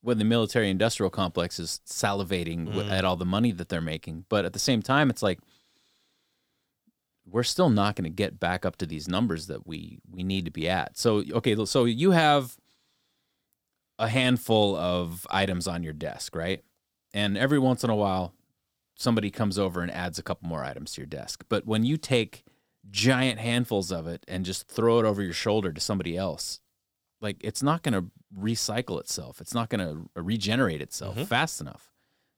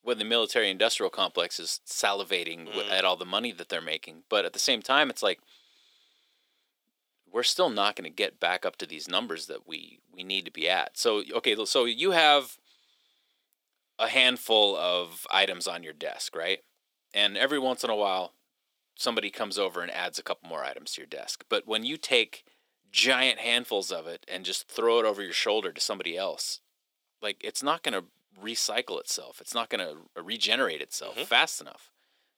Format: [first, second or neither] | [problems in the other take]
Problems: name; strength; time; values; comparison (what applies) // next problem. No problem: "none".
first | thin; somewhat; fading below 400 Hz